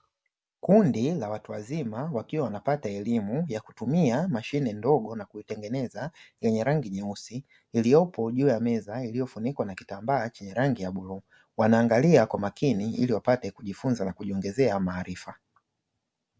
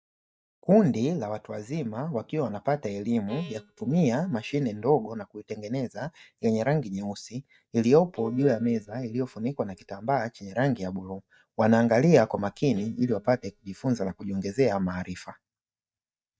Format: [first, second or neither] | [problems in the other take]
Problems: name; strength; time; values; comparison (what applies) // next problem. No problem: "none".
first | noise reduction (neural mask model DeepFilterNet 3)